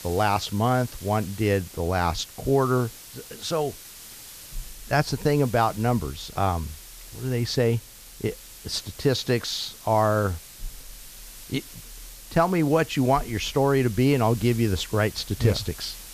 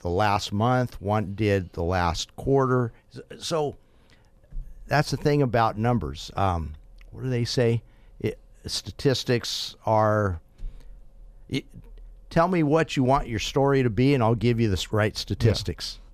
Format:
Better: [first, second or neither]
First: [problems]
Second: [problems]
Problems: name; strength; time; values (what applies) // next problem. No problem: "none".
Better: second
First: hiss; noticeable; throughout; 15 dB below the speech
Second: none